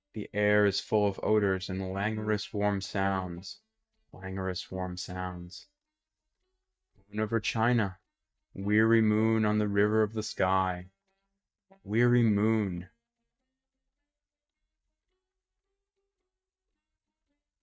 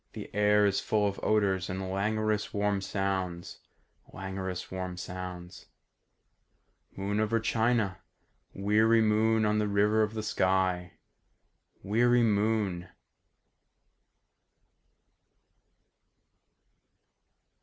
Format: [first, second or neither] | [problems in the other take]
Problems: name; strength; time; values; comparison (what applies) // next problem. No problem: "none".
second | noise reduction (neural mask model DeepFilterNet 3)